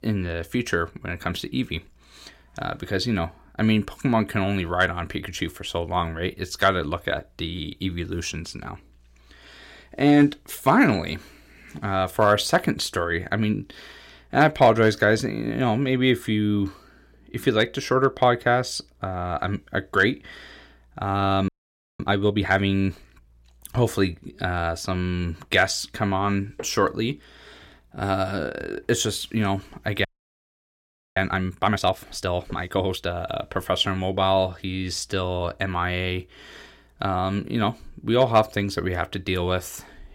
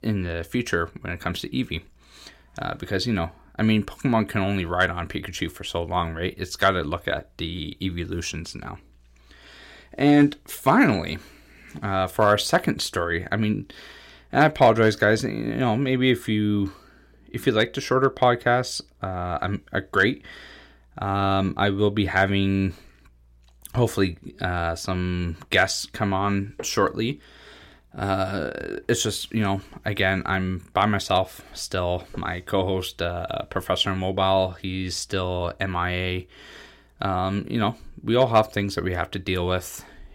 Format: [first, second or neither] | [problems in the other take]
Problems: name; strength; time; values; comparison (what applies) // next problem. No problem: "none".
second | audio freezing; at 21 s for 0.5 s and at 30 s for 1 s